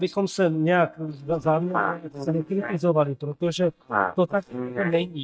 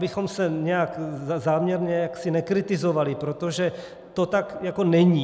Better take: second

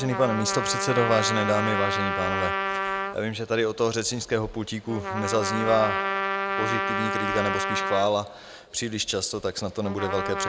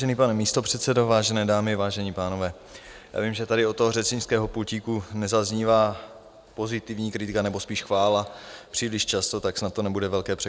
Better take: second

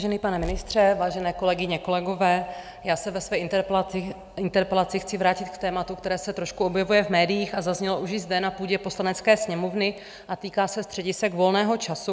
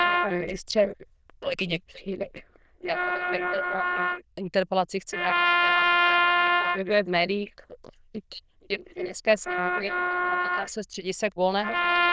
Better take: first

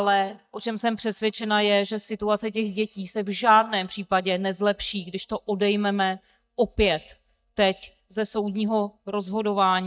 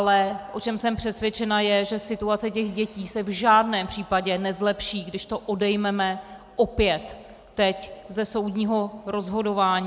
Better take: second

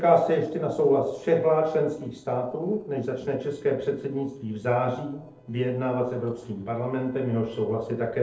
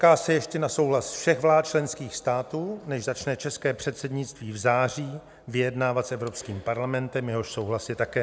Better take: second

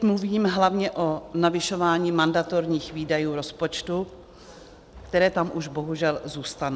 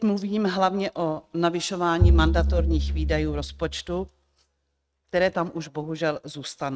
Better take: first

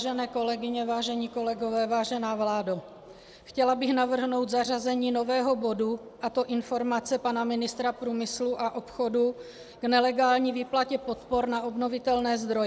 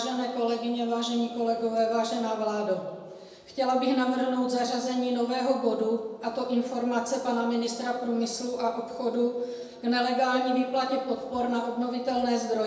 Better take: first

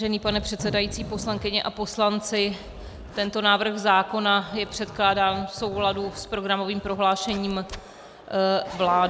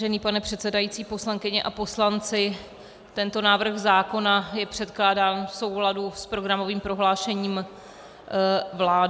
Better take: second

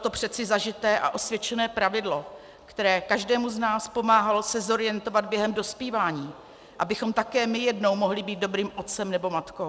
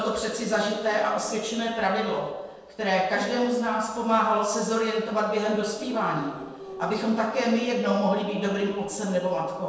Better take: first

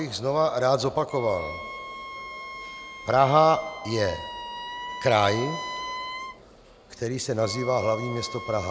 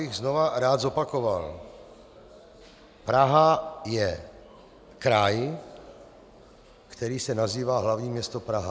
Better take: second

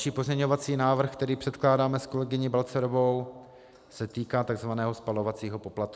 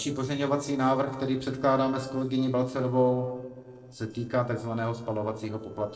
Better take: first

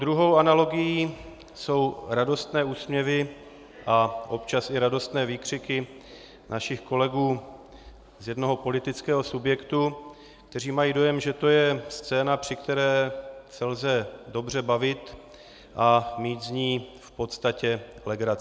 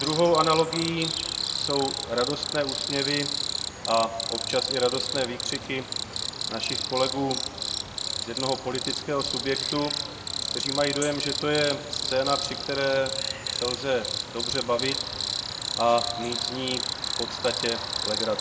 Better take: first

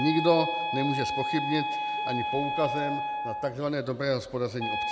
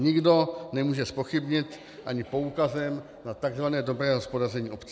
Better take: second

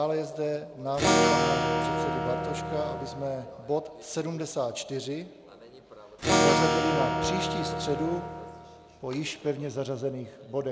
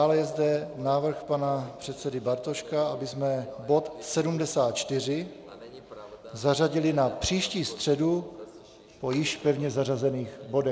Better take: second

